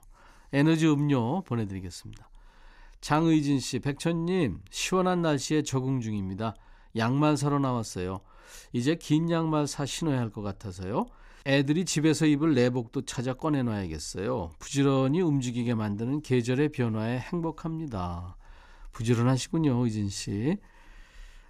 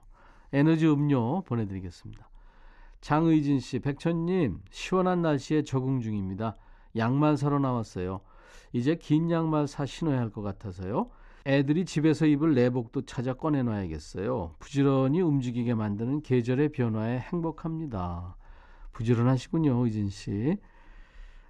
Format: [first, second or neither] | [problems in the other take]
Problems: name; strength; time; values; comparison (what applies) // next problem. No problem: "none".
first | muffled; slightly; fading above 2 kHz